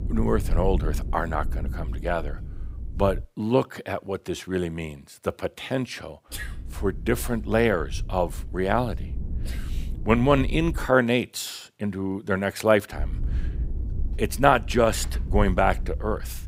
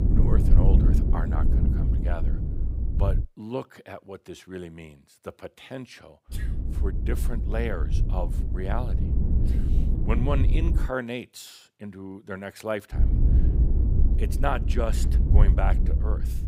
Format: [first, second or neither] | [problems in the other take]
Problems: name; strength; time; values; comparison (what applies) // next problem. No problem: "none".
first | low rumble; loud; until 3 s, from 6.5 to 11 s and from 13 s on; 5 dB below the speech; faint in the first